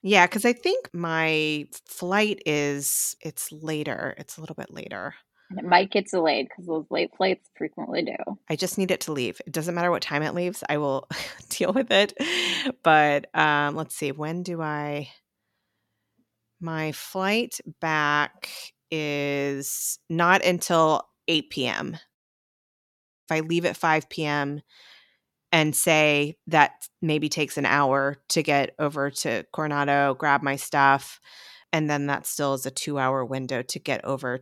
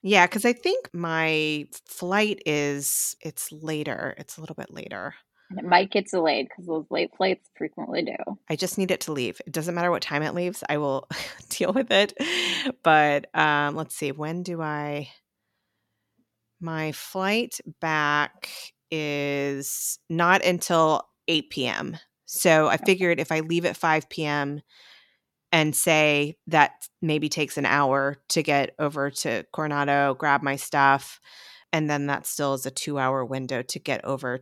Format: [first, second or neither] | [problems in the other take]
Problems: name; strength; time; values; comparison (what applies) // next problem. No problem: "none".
second | audio cutting out; at 22 s for 1 s